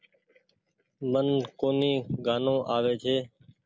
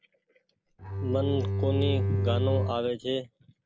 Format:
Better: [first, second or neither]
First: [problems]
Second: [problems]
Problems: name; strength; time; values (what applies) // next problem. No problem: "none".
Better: first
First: none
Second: background sound (Bowed string instrument); 3 dB above the speech